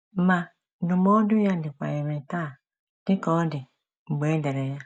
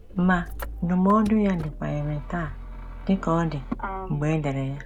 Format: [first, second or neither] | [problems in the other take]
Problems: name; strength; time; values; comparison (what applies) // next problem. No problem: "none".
first | background sound (Motor vehicle (road)); 10 dB below the speech